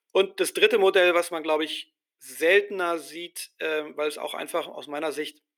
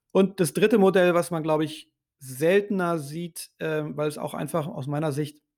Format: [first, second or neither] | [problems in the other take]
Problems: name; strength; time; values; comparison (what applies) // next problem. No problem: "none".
second | thin; very; fading below 350 Hz